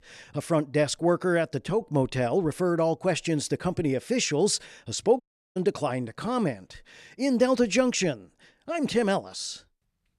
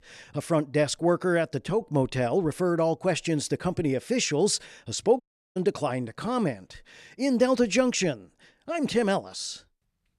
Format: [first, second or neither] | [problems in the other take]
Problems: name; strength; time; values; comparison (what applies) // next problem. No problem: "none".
neither | audio cutting out; at 5 s; the same in both